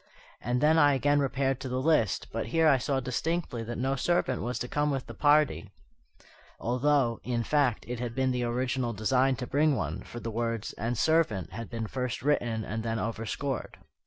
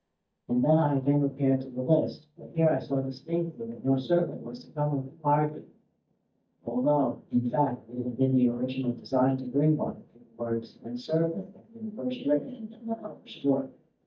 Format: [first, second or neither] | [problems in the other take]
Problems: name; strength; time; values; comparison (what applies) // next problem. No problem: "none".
first | noise reduction (neural mask model DeepFilterNet 3)